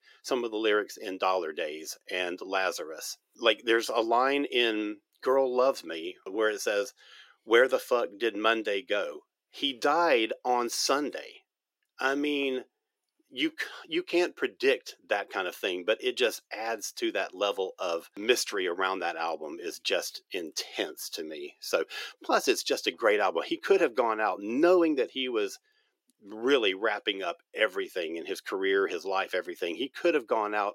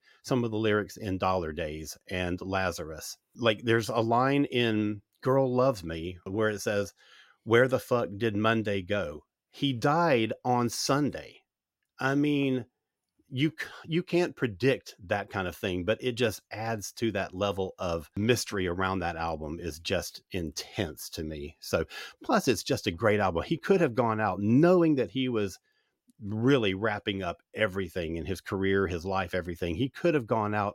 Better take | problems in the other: second | thin; somewhat; fading below 350 Hz

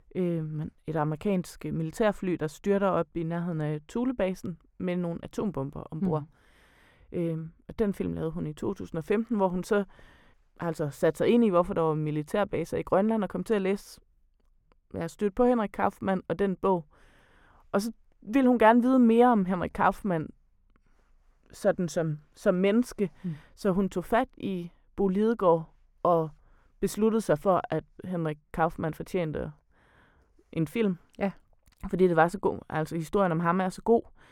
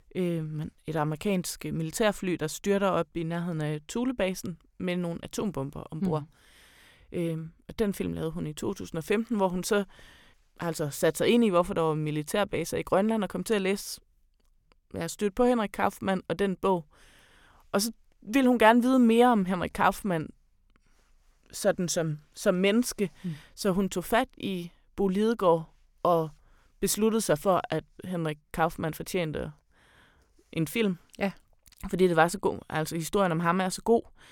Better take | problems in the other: second | muffled; slightly; fading above 2.5 kHz

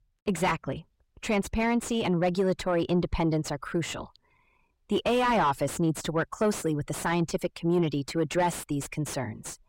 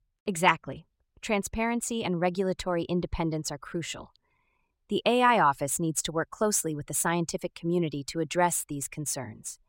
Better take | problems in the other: second | distortion; heavy; 6 dB below the speech

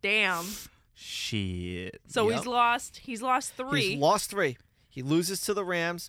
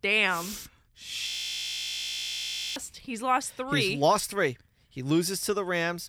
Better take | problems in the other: first | audio freezing; at 1.5 s for 1.5 s

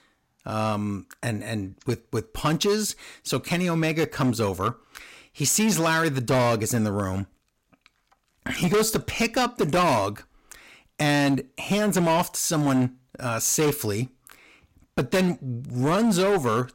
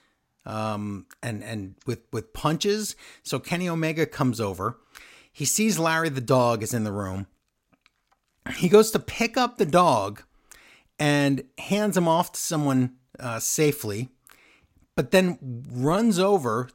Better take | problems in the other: second | distortion; heavy; 9% of the sound clipped

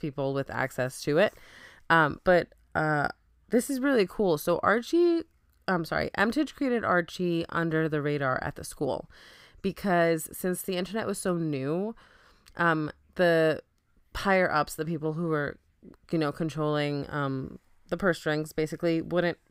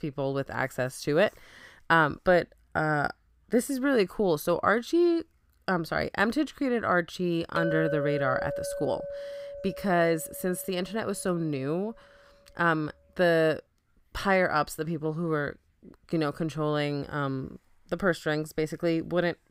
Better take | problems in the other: first | clattering dishes; noticeable; from 7.5 to 11 s; peak 3 dB below the speech

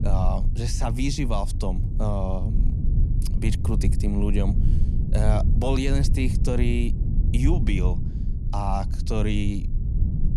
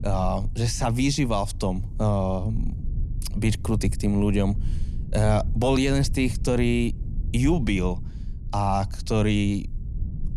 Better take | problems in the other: second | low rumble; loud; throughout; 9 dB below the speech; faint in the second

